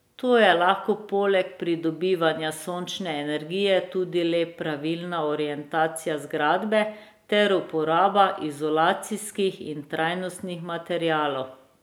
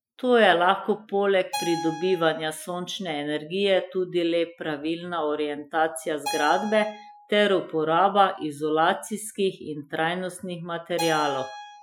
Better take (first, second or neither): first